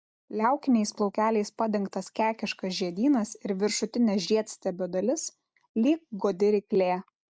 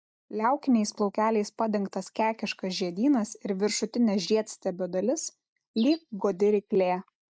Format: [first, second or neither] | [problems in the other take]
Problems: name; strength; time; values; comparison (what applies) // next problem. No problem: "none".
first | noise reduction (neural mask model DeepFilterNet 3)